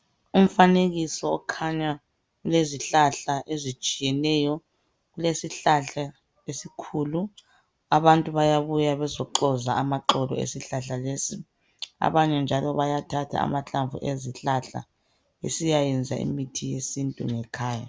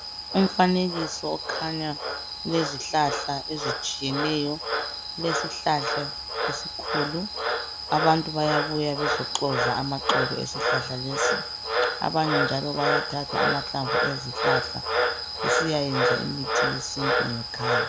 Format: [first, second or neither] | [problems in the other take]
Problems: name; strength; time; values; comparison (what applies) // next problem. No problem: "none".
first | background sound (Frog); 1 dB above the speech